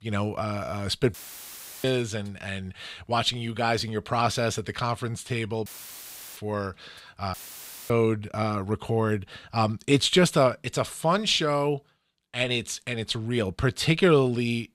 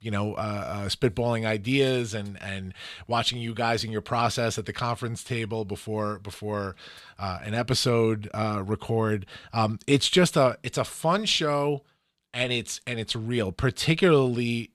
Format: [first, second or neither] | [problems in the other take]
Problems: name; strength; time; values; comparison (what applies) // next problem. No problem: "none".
second | audio cutting out; filled with static; at 1 s for 0.5 s, at 5.5 s for 0.5 s and at 7.5 s for 0.5 s